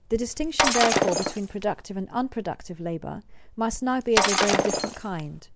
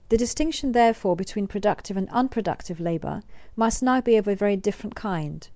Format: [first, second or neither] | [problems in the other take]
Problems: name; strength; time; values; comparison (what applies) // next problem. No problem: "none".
second | background sound (Shatter); 3 dB above the speech